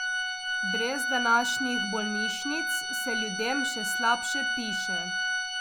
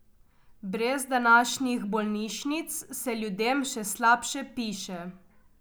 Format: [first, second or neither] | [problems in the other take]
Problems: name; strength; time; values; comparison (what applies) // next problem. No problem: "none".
second | background sound (Organ); 2 dB above the speech